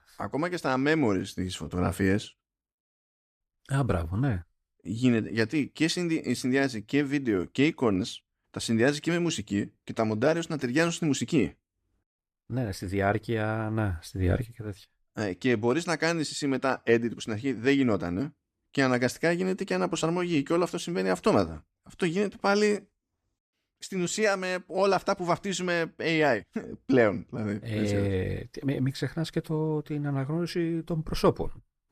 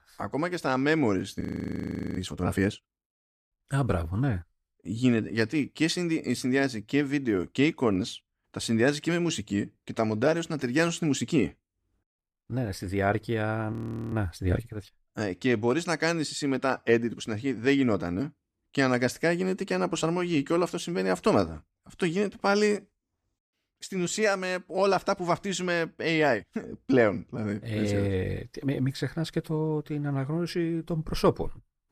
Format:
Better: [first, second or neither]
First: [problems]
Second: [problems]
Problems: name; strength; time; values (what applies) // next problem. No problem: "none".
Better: first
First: none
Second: audio freezing; at 1.5 s for 1 s and at 14 s